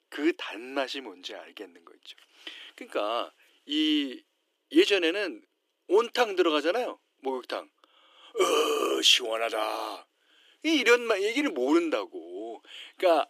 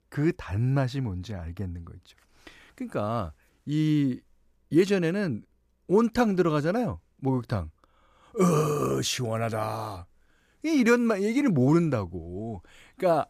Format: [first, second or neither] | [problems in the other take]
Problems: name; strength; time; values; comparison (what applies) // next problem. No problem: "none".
second | thin; somewhat; fading below 300 Hz